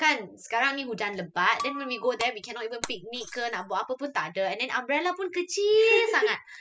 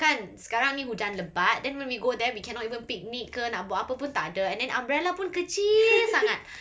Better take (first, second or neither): second